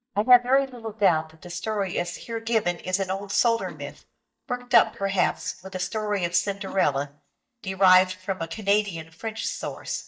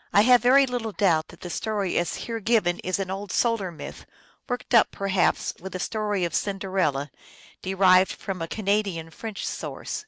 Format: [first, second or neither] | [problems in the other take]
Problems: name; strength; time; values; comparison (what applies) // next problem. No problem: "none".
second | noise reduction (neural mask model DeepFilterNet 3)